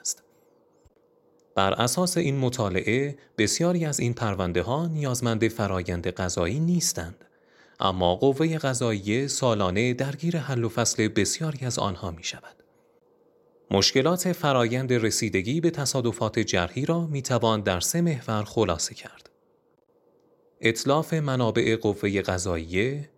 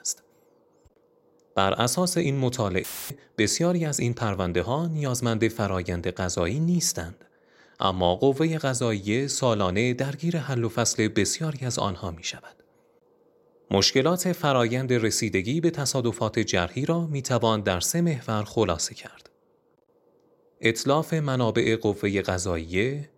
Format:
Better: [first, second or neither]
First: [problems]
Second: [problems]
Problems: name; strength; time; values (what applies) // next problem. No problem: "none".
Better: first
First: none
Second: audio cutting out; filled with static; at 3 s